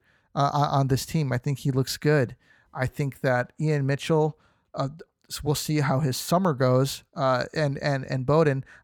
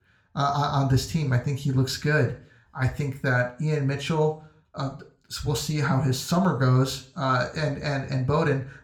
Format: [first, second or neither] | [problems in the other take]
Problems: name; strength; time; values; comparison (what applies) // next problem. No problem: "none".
first | room echo; very slight; dies away in 0.4 s